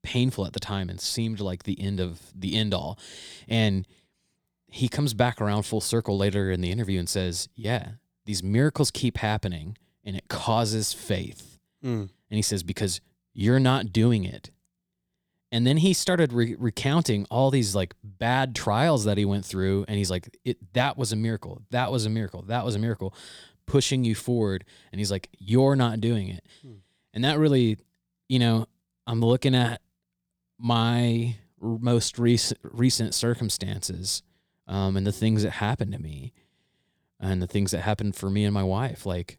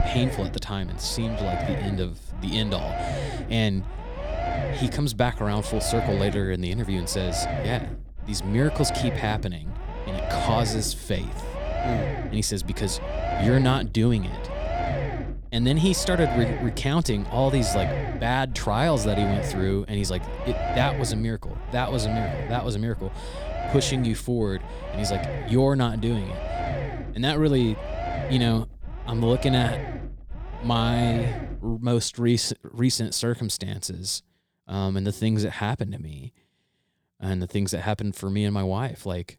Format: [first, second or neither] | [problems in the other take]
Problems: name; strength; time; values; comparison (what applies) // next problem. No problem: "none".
first | low rumble; loud; until 32 s; 3 dB below the speech